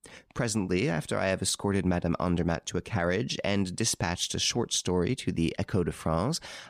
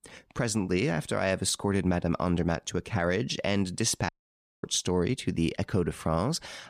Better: first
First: none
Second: audio cutting out; at 4 s for 0.5 s

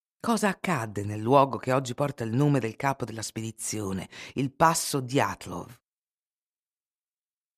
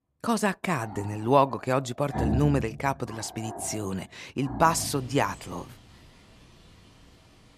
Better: first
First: none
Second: animal sounds; loud; throughout; 10 dB below the speech

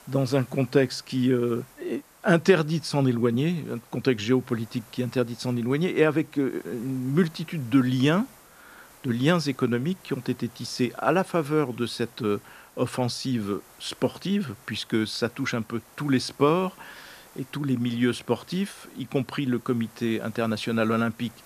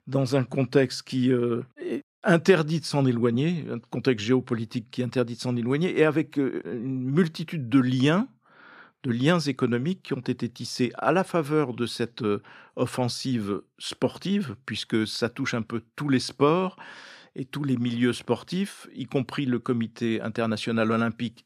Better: second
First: hiss; faint; throughout; 25 dB below the speech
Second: none

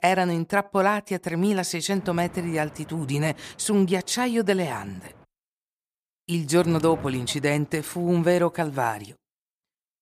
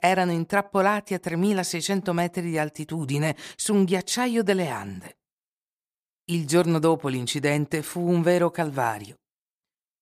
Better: second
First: wind noise on the microphone; occasional gusts; from 2 to 5 s and from 6.5 to 8.5 s; 20 dB below the speech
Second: none

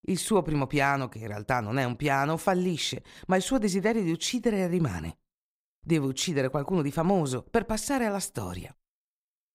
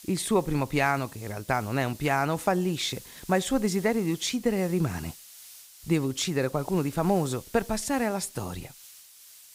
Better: first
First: none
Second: hiss; noticeable; throughout; 20 dB below the speech

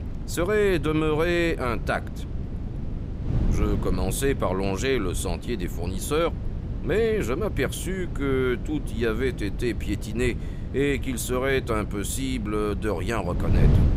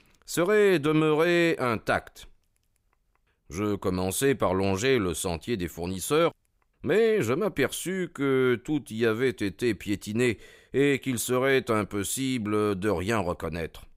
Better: second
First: wind noise on the microphone; occasional gusts; 15 dB below the speech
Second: none

